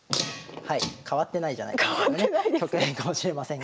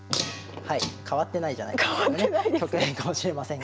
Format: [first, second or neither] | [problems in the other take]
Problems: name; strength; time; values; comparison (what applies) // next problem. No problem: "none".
first | background sound (Bowed string instrument); 17 dB below the speech